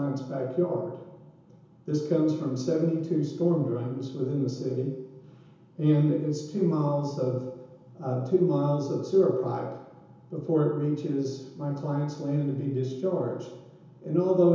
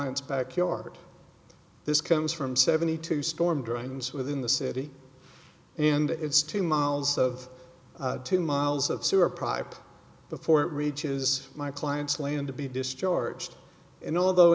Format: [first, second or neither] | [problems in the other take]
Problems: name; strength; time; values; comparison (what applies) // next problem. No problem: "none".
second | room echo; dies away in 1 s